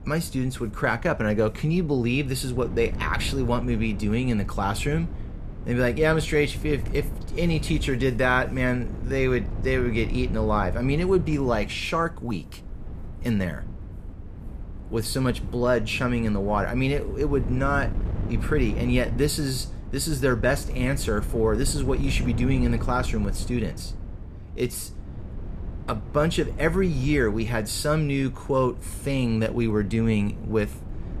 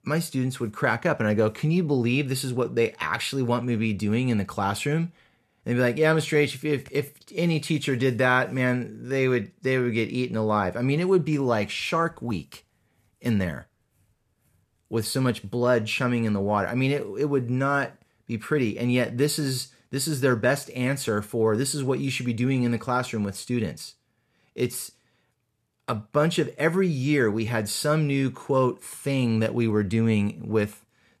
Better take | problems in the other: second | wind noise on the microphone; occasional gusts; 15 dB below the speech

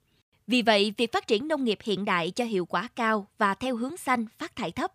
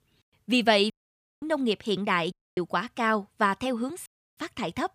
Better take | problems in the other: first | audio cutting out; at 1 s for 0.5 s, at 2.5 s and at 4 s

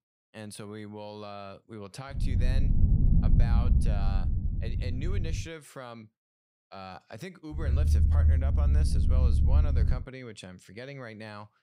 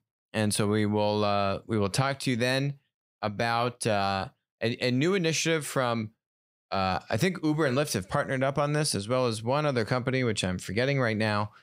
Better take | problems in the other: second | low rumble; loud; from 2 to 5.5 s and from 7.5 to 10 s; as loud as the speech

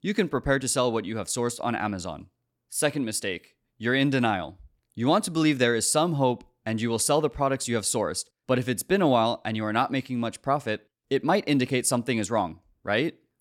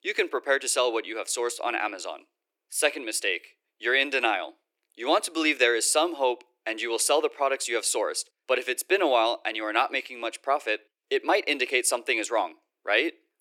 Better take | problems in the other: first | thin; very; fading below 350 Hz

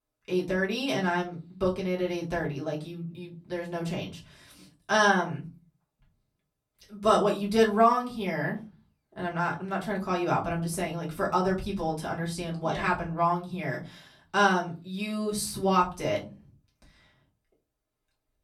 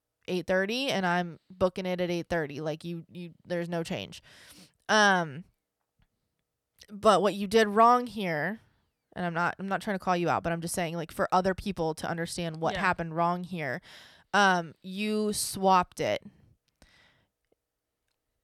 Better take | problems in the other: second | off-mic speech; far // room echo; very slight; dies away in 0.3 s

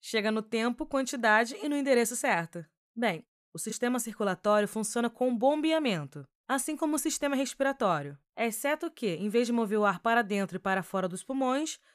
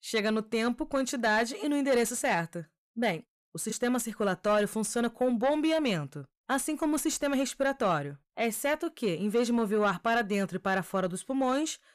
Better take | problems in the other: first | distortion; slight; 10 dB below the speech

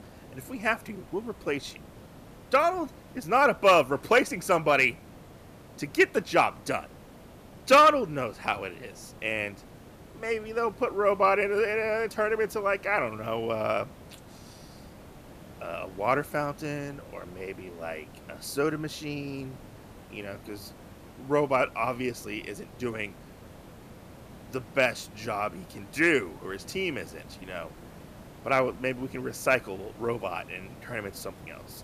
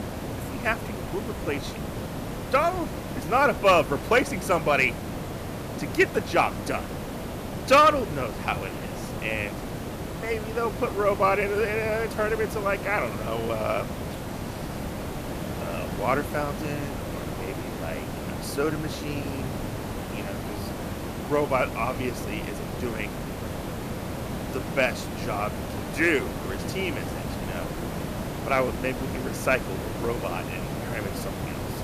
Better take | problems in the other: first | hiss; loud; throughout; 7 dB below the speech; faint in the first

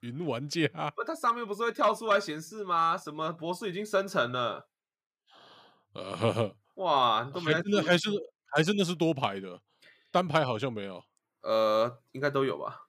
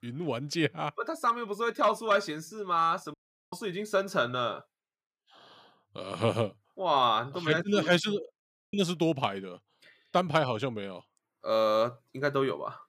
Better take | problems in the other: first | audio cutting out; at 3 s and at 8.5 s

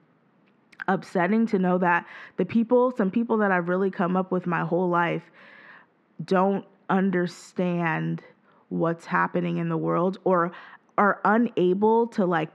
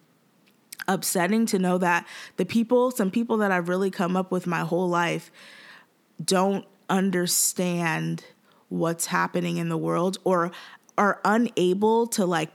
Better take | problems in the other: second | muffled; very; fading above 1.5 kHz

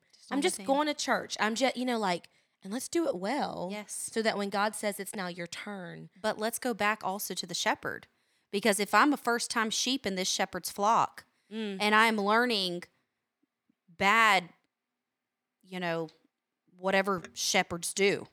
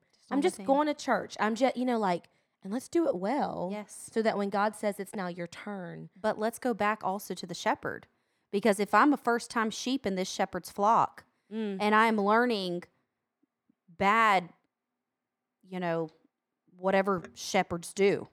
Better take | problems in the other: first | muffled; slightly; fading above 2 kHz

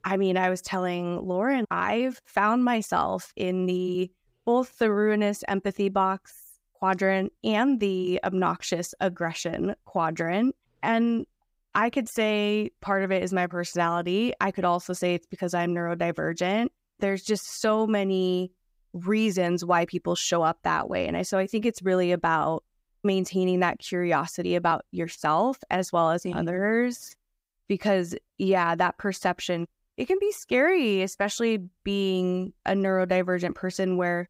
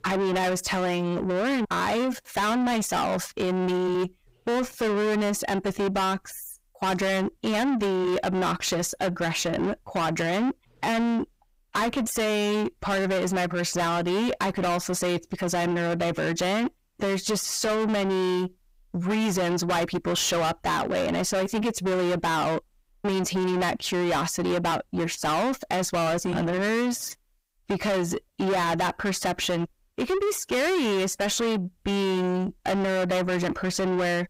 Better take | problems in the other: first | distortion; heavy; 5 dB below the speech

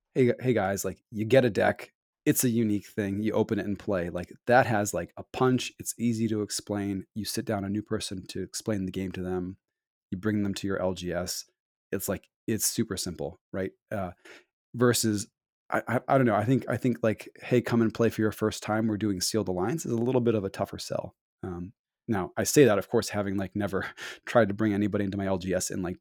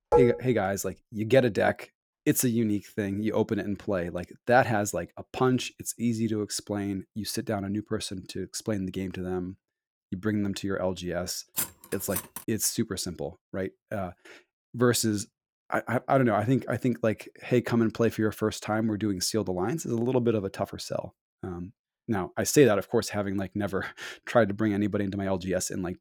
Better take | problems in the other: first | clattering dishes; loud; at the start; peak 4 dB above the speech // clattering dishes; noticeable; at 12 s; peak 3 dB below the speech

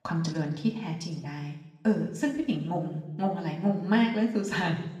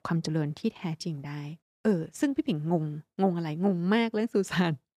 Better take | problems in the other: second | room echo; noticeable; dies away in 0.9 s // off-mic speech; somewhat distant

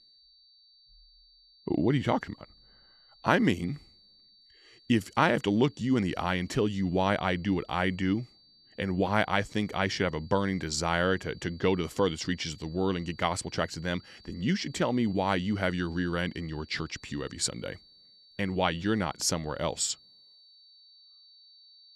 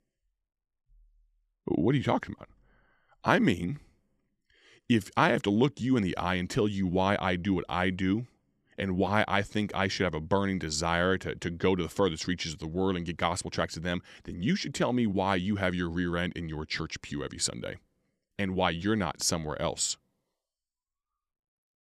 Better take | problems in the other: second | high-pitched whine; faint; throughout; 4.5 kHz, 25 dB below the speech

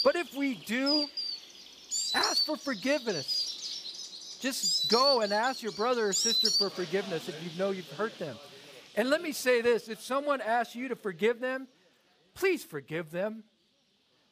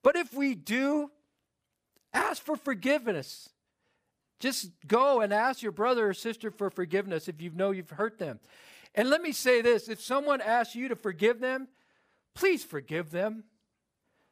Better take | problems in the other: second | animal sounds; very loud; throughout; 1 dB above the speech

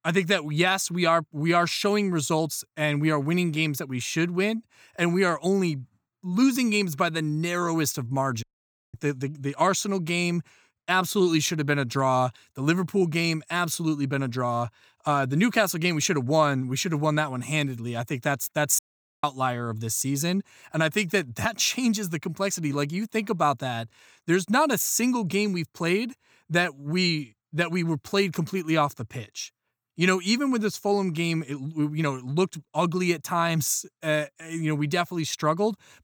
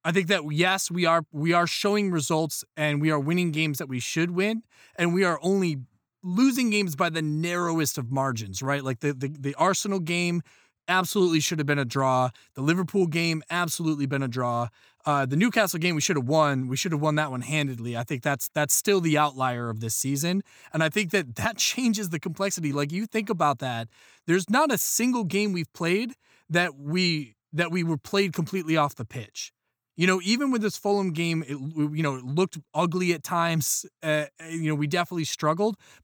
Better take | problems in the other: second | audio cutting out; at 8.5 s for 0.5 s and at 19 s

